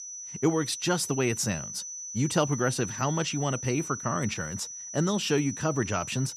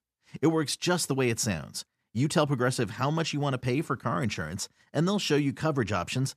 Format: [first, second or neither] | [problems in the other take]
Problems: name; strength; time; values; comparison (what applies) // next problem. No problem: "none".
second | high-pitched whine; loud; throughout; 6 kHz, 8 dB below the speech